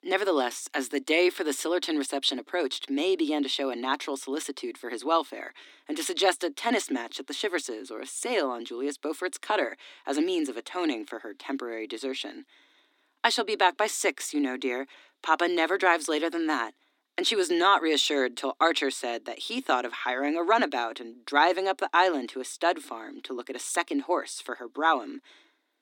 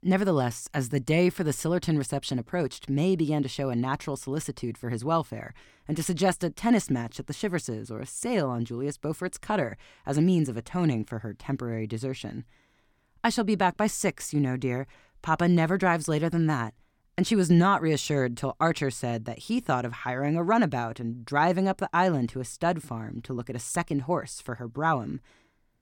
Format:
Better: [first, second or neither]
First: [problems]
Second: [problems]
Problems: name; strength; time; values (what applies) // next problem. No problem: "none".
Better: second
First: thin; somewhat; fading below 250 Hz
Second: none